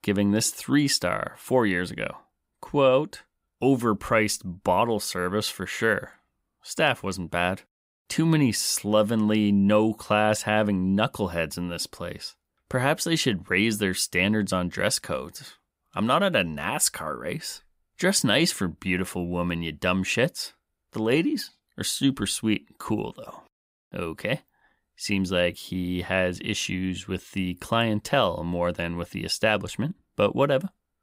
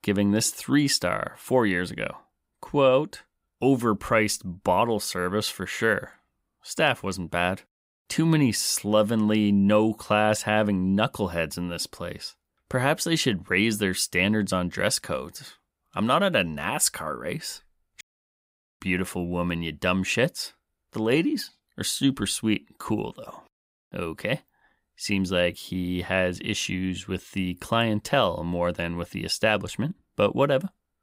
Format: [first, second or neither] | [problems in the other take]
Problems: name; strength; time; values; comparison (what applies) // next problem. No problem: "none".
first | audio cutting out; at 18 s for 1 s